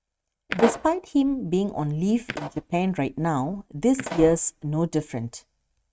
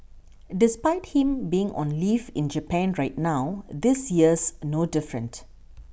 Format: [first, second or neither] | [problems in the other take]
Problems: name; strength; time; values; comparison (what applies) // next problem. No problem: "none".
second | noise reduction (neural mask model RNNoise)